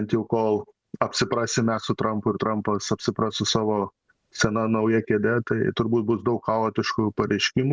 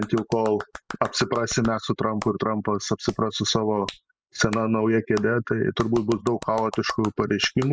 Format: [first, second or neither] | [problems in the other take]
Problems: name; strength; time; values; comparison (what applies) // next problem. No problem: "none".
first | noise reduction (classical method spectral subtraction)